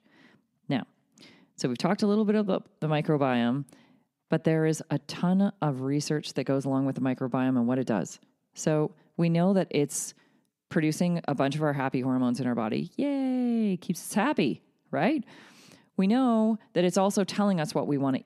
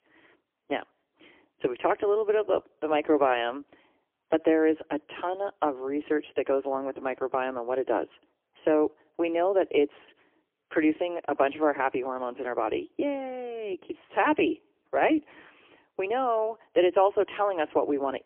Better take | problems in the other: first | phone-call audio; poor line; nothing above 3 kHz

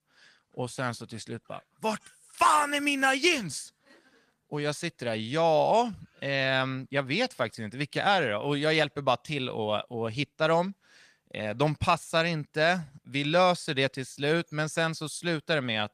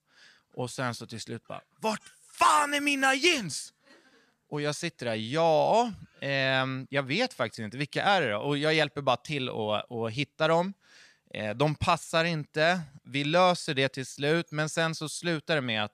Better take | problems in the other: second | garbled, watery; slightly; nothing above 14.5 kHz

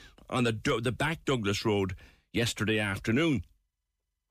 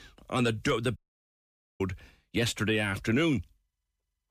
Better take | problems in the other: first | audio cutting out; at 1 s for 1 s

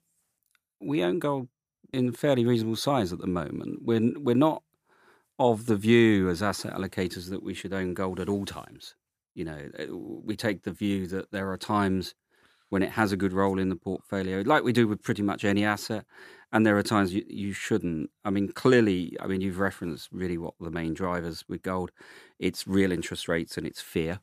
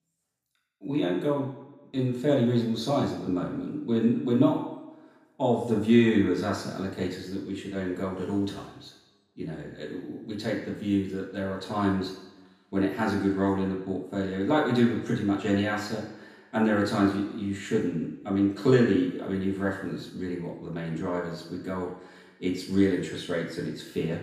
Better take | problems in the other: first | room echo; noticeable; dies away in 0.8 s // off-mic speech; far

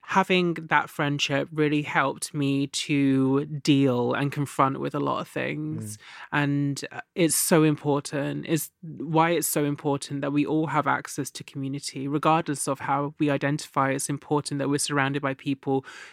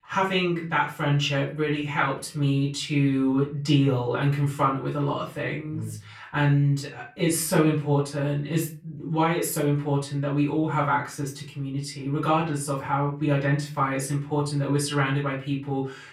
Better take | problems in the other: first | room echo; slight; dies away in 0.3 s // off-mic speech; far

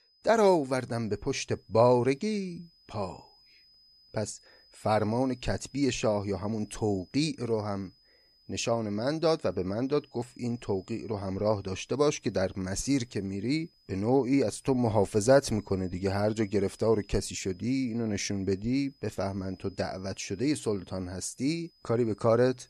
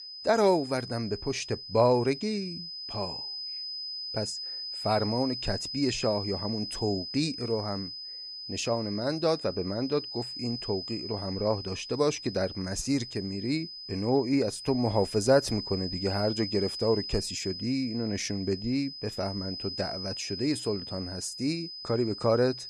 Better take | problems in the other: first | high-pitched whine; loud; throughout; 5 kHz, 7 dB below the speech; faint in the first

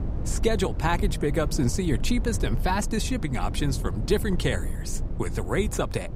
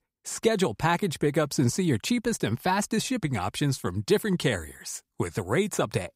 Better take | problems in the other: second | low rumble; noticeable; throughout; 15 dB below the speech

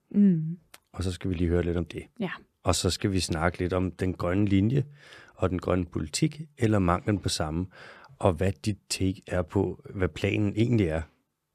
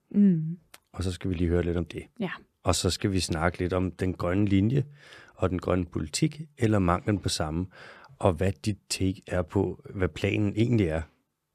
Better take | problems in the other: neither | none

